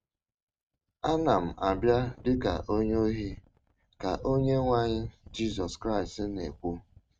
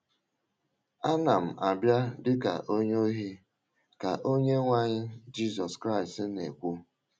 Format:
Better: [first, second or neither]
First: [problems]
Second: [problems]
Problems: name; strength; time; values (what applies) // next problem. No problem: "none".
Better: second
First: noise reduction (neural mask model RNNoise)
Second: none